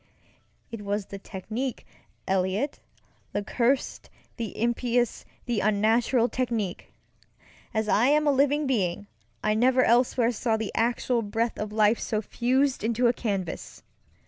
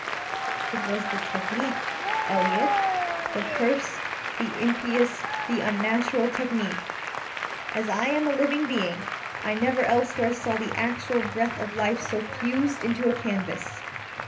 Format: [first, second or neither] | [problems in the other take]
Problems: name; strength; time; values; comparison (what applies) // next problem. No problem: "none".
first | background sound (Applause); 3 dB below the speech // room echo; dies away in 0.3 s